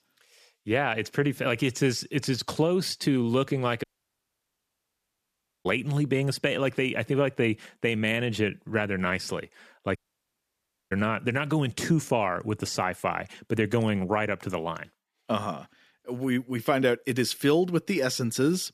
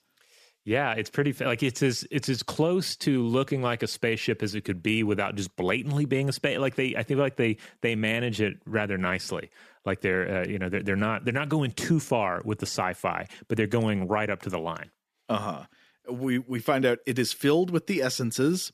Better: second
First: audio cutting out; at 4 s for 2 s and at 10 s for 1 s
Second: none

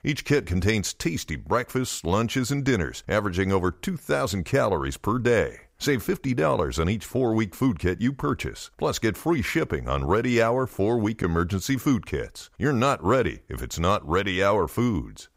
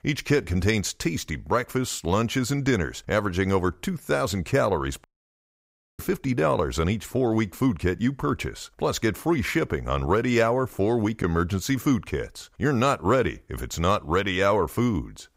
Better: first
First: none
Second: audio cutting out; at 5 s for 1 s

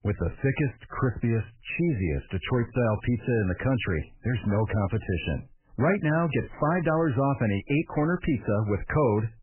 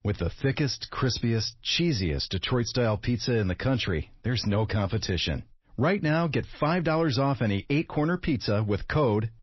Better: second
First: garbled, watery; badly; nothing above 3 kHz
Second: garbled, watery; slightly; nothing above 6 kHz

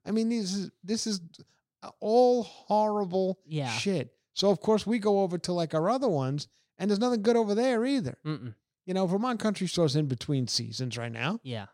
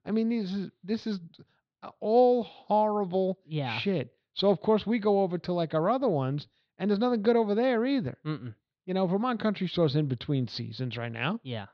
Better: first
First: none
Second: muffled; slightly; fading above 4 kHz

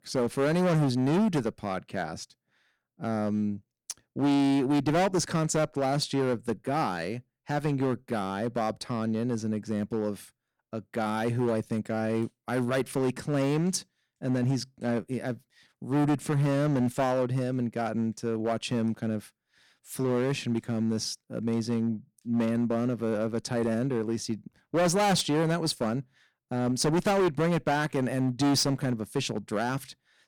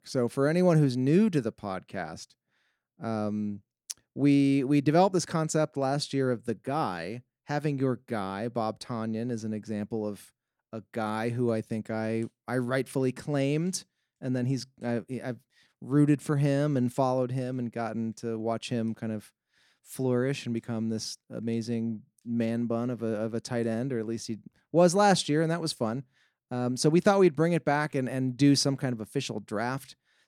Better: second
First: distortion; heavy; 10% of the sound clipped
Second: none

